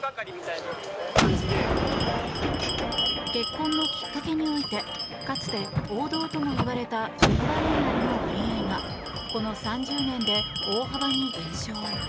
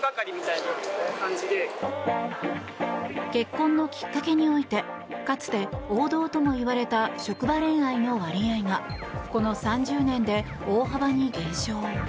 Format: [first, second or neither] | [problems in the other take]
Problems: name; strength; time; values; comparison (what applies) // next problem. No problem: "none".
second | background sound (Bell + Gunshot, gunfire); 2 dB above the speech